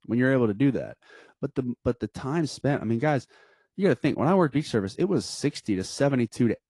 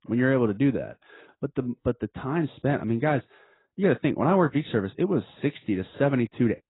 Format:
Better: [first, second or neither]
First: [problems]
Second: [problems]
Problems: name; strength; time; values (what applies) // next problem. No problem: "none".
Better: first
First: garbled, watery; slightly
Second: garbled, watery; badly; nothing above 4 kHz